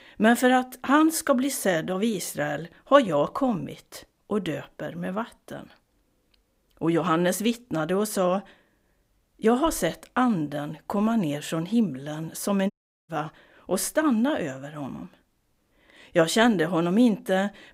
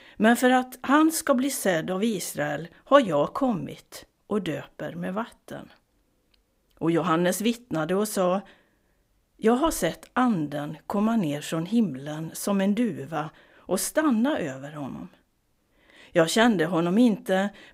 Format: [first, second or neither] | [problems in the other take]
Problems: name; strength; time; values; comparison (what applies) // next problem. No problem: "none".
second | audio cutting out; at 13 s